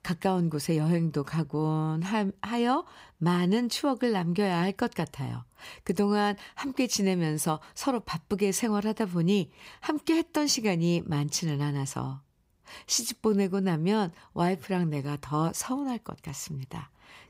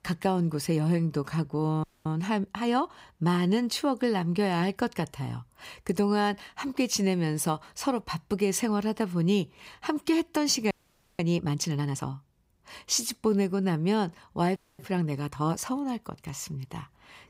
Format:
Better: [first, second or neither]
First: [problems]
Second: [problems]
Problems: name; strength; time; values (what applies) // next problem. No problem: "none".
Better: first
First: none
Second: audio freezing; at 2 s, at 11 s and at 15 s